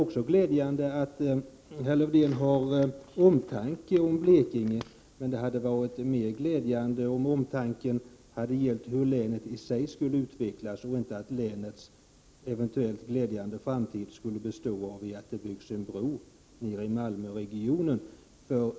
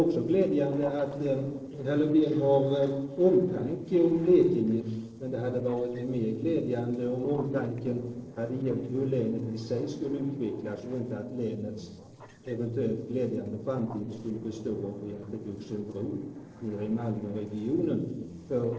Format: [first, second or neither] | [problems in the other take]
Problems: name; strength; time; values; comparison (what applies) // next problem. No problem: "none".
first | noise reduction (neural separator model SepFormer DNS4)